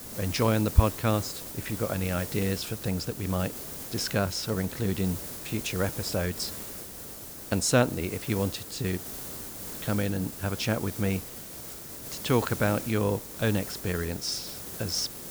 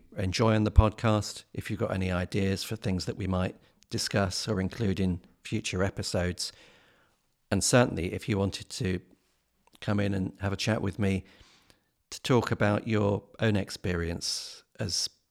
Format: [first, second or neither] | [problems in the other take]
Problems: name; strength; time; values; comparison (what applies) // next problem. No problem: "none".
second | hiss; loud; throughout; 8 dB below the speech